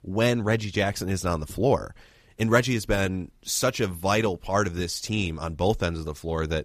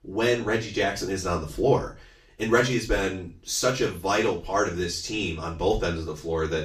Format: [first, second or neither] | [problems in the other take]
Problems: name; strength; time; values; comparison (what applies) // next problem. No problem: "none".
first | room echo; slight; dies away in 0.3 s // off-mic speech; far